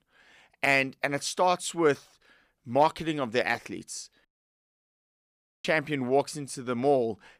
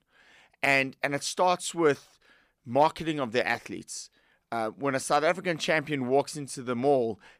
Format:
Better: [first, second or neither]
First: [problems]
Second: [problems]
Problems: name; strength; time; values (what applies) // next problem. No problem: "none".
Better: second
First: audio cutting out; at 4.5 s for 1.5 s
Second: none